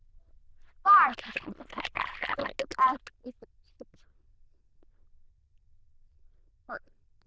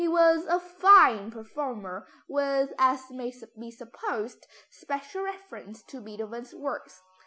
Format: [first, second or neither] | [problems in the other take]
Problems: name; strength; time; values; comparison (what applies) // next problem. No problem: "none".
second | noise reduction (neural diffusion model UNIVERSE++)